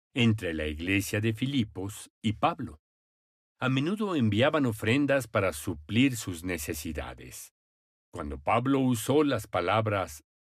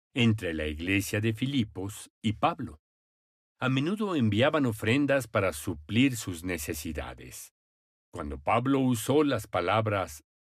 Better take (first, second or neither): neither